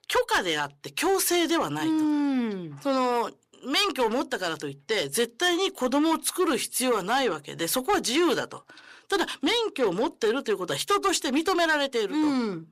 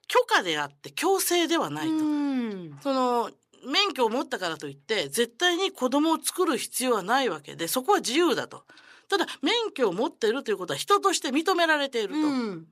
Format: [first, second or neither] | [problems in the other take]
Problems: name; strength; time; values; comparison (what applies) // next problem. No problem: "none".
second | distortion; slight; 10 dB below the speech